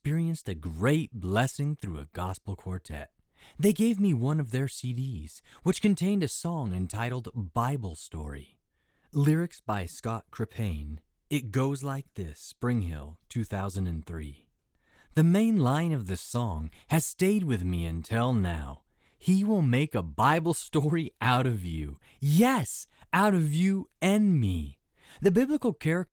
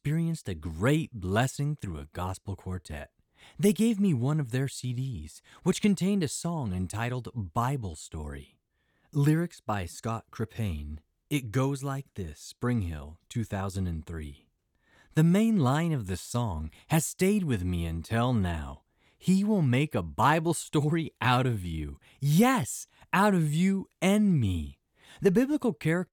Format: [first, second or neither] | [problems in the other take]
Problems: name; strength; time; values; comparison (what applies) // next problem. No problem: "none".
second | garbled, watery; slightly; nothing above 19 kHz